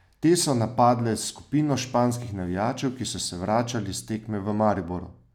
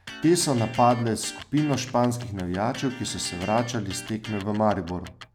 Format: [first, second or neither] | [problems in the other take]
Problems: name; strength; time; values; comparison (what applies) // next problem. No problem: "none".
first | background sound (Electric guitar); 16 dB below the speech